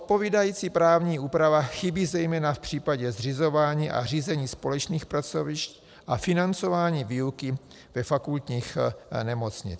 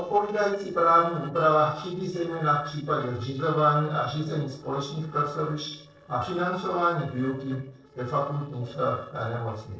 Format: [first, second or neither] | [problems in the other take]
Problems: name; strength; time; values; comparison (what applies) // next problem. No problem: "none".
first | noise reduction (neural separator model SepFormer DNS4)